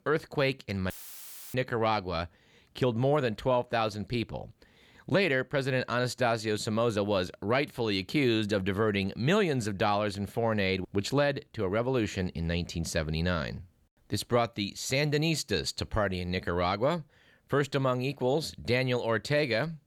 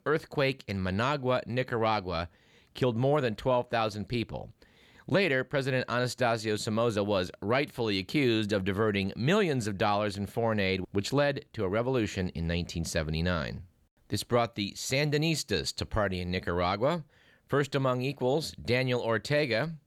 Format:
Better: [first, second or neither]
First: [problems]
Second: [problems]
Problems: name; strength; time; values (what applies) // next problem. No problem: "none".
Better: second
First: audio cutting out; filled with static; at 1 s for 0.5 s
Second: none